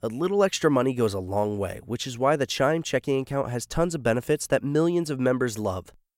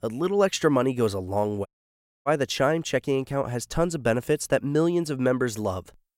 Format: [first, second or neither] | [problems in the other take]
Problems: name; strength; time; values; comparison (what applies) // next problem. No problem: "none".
first | audio cutting out; at 1.5 s for 0.5 s